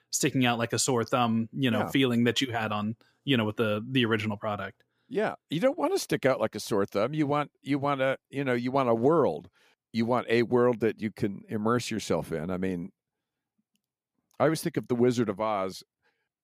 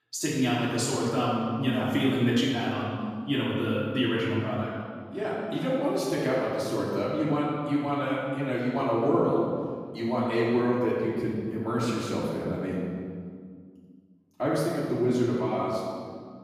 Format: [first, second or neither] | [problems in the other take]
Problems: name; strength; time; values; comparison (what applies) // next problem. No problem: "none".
first | off-mic speech; far // room echo; strong; dies away in 1.8 s